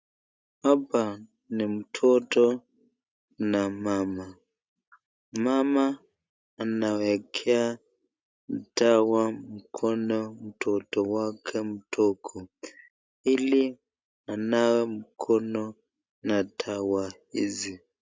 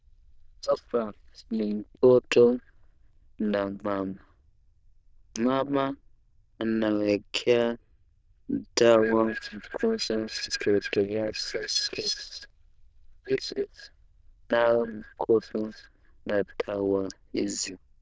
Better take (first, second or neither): first